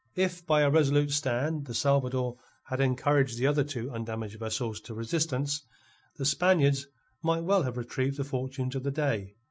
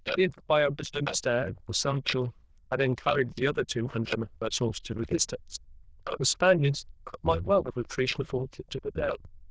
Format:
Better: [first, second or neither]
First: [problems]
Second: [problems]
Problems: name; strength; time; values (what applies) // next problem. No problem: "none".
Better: first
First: none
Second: noise reduction (neural diffusion model UNIVERSE++)